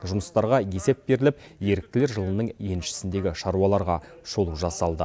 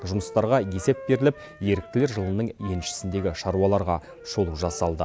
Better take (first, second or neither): first